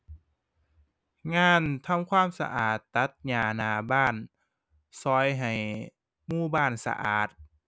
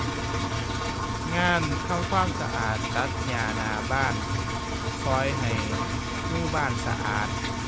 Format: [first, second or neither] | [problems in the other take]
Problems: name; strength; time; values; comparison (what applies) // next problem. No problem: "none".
first | background sound (Engine); 2 dB above the speech